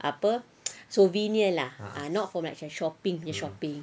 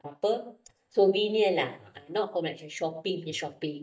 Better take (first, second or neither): first